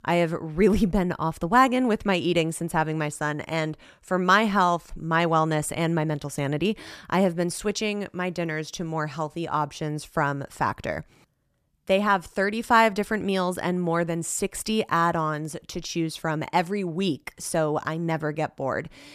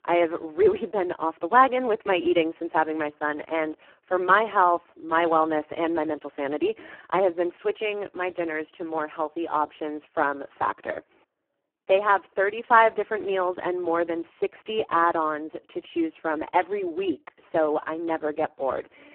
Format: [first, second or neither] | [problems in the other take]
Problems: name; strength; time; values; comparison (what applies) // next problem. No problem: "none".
first | phone-call audio; poor line